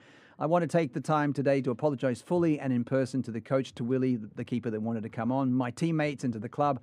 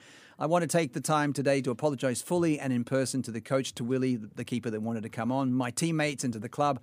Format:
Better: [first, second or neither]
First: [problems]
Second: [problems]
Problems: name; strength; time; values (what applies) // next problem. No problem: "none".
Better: second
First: muffled; slightly; fading above 1.5 kHz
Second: none